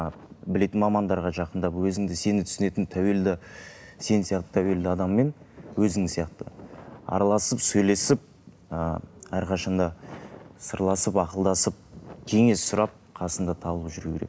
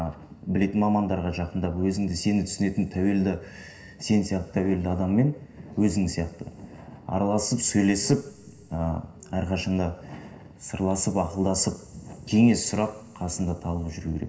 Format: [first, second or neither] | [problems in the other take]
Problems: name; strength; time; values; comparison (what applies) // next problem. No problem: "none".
first | room echo; dies away in 1.4 s